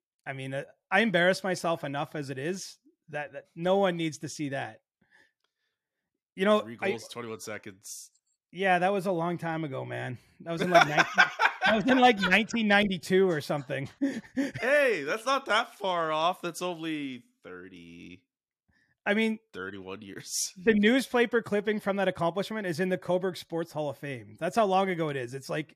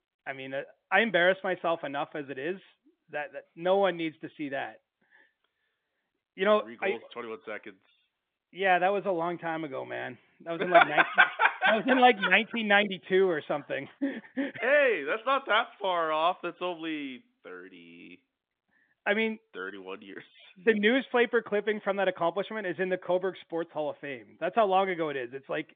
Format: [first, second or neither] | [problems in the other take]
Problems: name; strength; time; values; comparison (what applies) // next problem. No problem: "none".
first | phone-call audio; nothing above 3.5 kHz